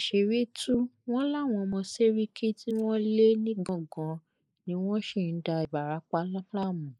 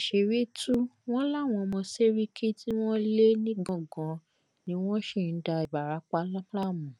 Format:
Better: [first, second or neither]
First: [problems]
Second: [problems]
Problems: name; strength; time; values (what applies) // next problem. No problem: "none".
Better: second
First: noise reduction (neural mask model Resemble Enhance denoiser)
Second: none